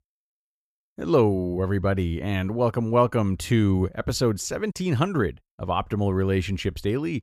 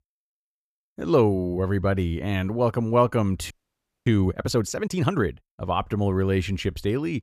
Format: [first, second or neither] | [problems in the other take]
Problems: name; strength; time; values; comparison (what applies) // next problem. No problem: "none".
first | audio freezing; at 3.5 s for 0.5 s